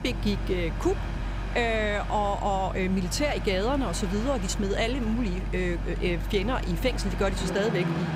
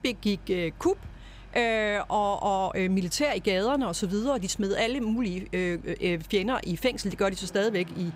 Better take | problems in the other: second | train or aircraft noise; loud; throughout; 5 dB below the speech; faint in the second

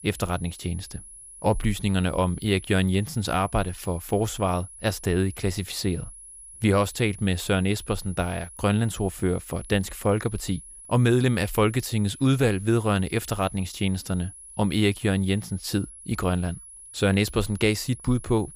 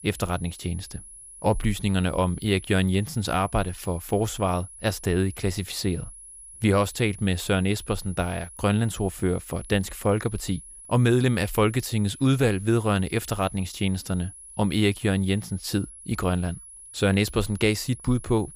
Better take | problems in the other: neither | high-pitched whine; noticeable; throughout; 10.5 kHz, 15 dB below the speech; the same in both

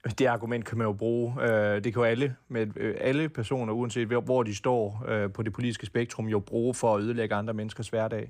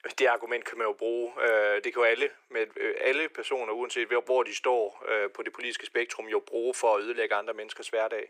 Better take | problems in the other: first | thin; very; fading below 400 Hz

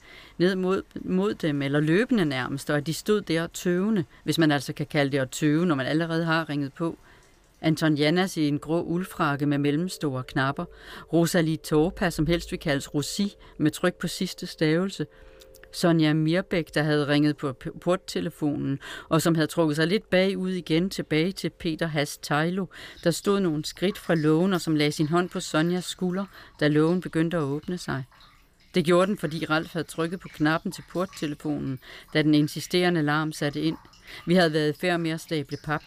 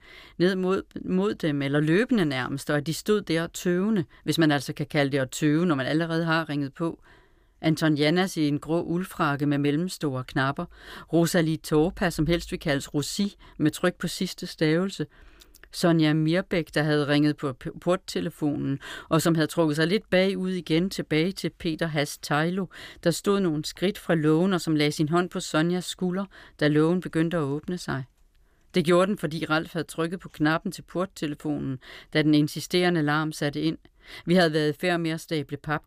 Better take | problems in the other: second | rain or running water; faint; throughout; 30 dB below the speech

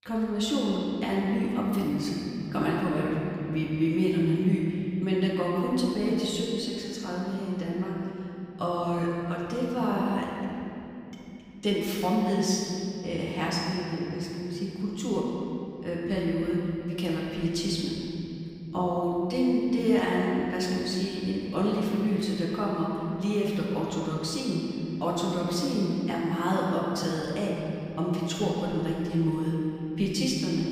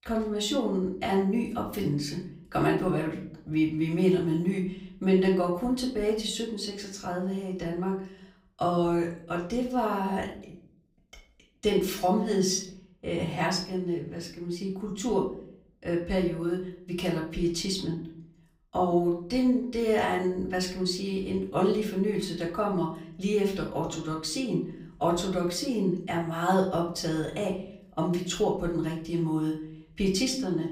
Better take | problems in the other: second | room echo; strong; dies away in 3 s; slight in the second // off-mic speech; far; far in the second

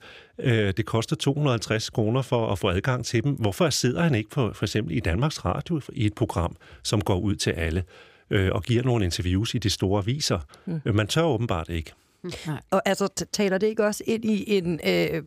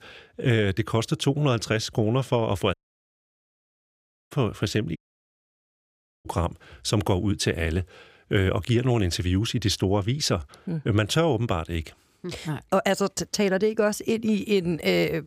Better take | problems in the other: first | audio cutting out; at 2.5 s for 1.5 s and at 5 s for 1.5 s

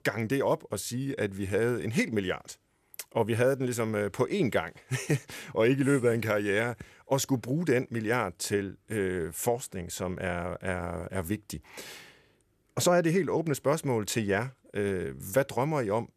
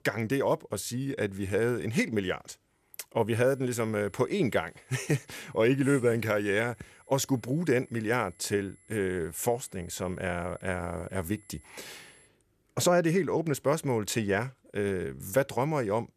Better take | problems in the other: first | high-pitched whine; faint; from 3.5 to 12 s; 11 kHz, 30 dB below the speech

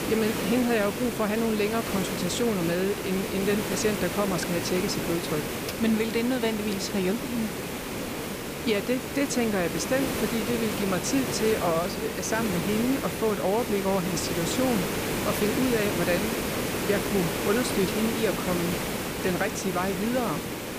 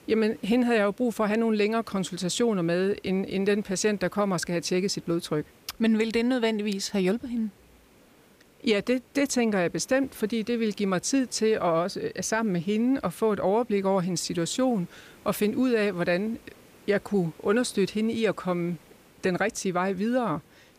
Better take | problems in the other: second | hiss; loud; throughout; 2 dB below the speech; faint in the second

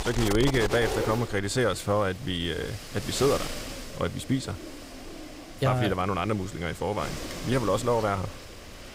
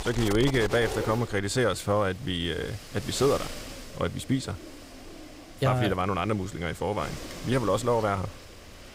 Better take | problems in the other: second | wind noise on the microphone; heavy; 9 dB below the speech; occasional gusts in the second

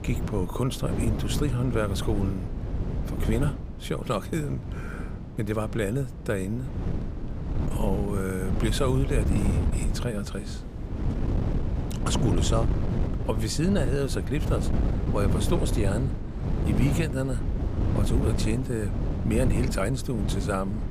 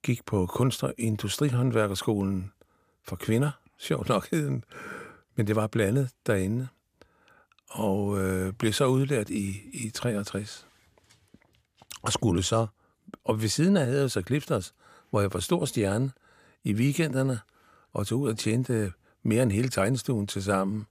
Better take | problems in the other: second | wind noise on the microphone; heavy; 6 dB below the speech

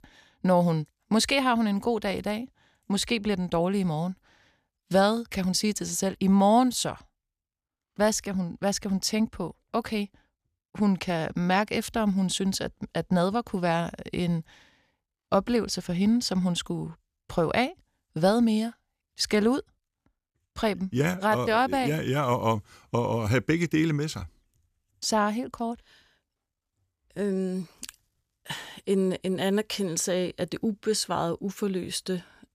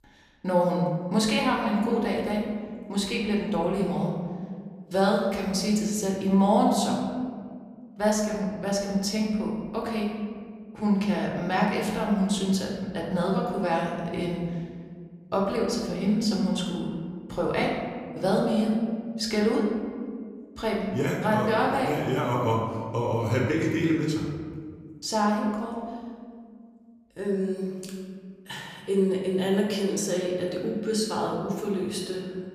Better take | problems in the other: first | room echo; noticeable; dies away in 1.7 s // off-mic speech; somewhat distant

